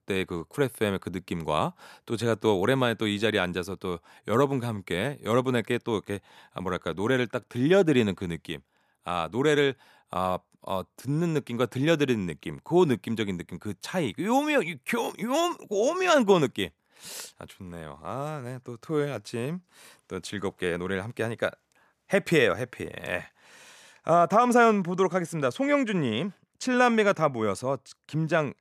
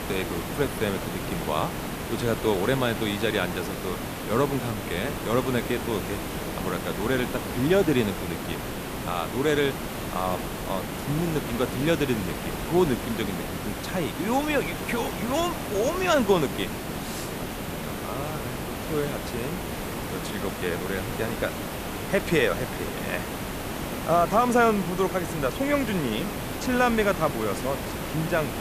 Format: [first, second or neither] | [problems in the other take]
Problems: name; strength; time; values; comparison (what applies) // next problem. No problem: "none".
first | hiss; loud; throughout; 5 dB below the speech